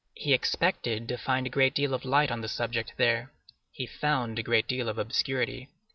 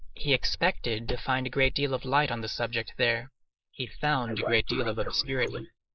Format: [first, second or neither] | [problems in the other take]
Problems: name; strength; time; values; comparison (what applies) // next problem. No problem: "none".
first | noise reduction (neural mask model Resemble Enhance denoiser)